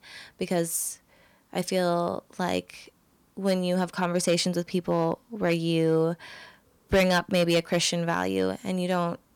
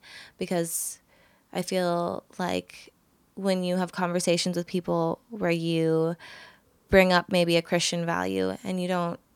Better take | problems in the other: second | distortion; slight; 1.9% of the sound clipped

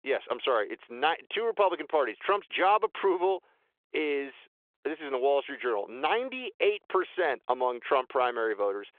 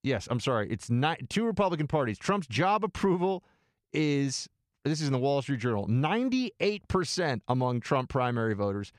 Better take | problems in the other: second | phone-call audio; nothing above 3.5 kHz

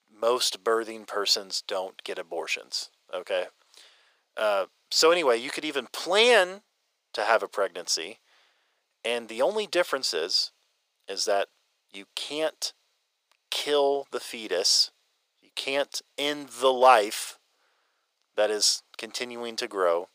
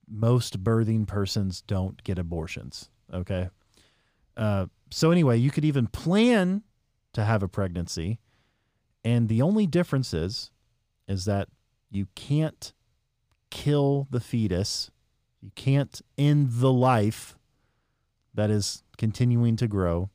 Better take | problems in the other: second | thin; very; fading below 450 Hz

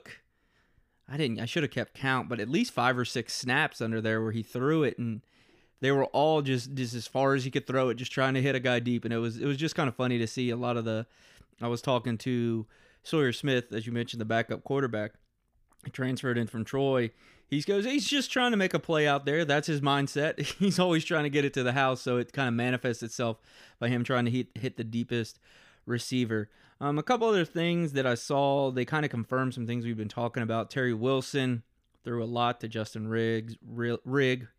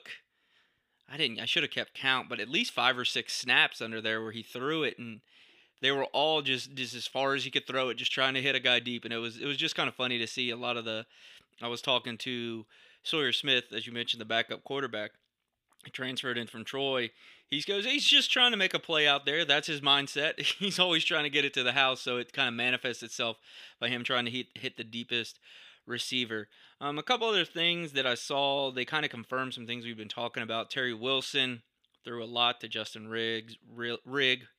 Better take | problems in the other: first | thin; very slightly; fading below 500 Hz

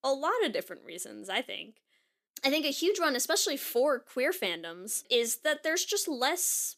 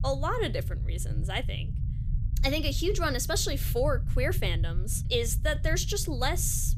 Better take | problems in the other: first | low rumble; noticeable; throughout; 15 dB below the speech

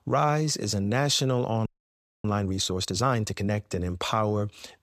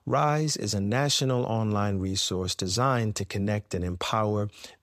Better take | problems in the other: second | audio freezing; at 1.5 s for 0.5 s

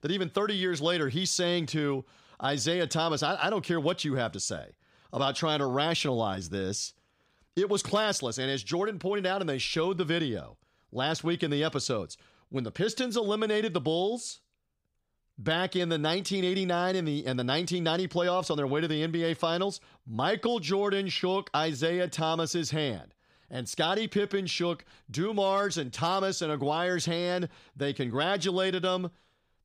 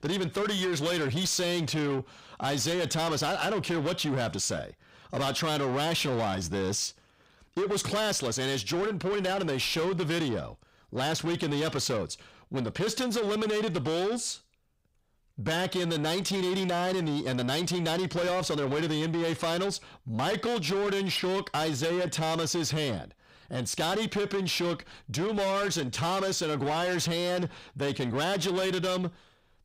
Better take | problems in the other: first | distortion; heavy; 8 dB below the speech

